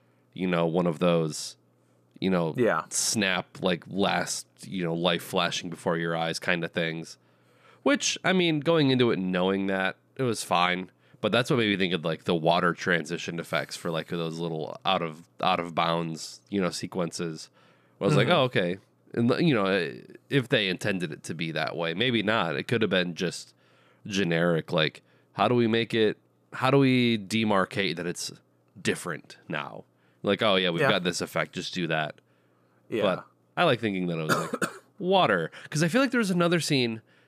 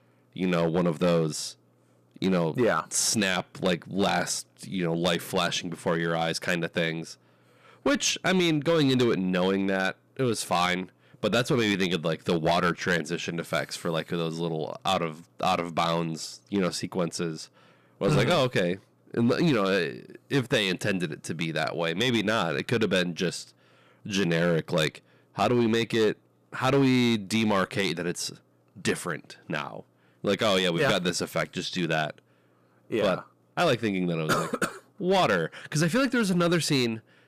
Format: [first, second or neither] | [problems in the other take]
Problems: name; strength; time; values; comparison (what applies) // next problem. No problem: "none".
first | distortion; slight; 4% of the sound clipped